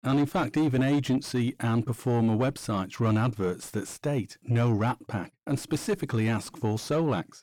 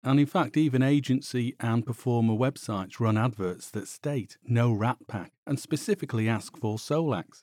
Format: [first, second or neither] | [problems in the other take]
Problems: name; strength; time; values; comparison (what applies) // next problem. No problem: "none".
second | distortion; slight; 9 dB below the speech